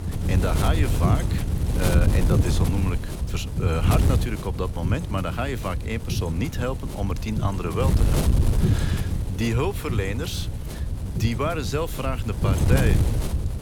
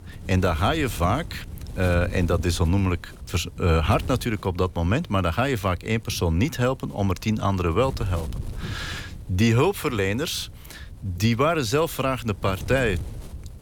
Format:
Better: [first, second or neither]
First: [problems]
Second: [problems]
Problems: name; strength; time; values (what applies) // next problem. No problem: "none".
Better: second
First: wind noise on the microphone; heavy; 4 dB below the speech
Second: wind noise on the microphone; occasional gusts; 20 dB below the speech